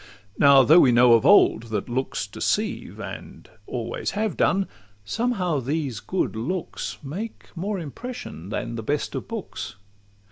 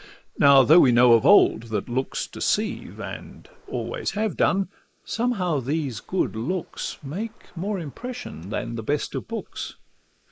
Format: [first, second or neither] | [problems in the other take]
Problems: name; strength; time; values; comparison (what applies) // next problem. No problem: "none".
first | noise reduction (neural mask model Resemble Enhance denoiser)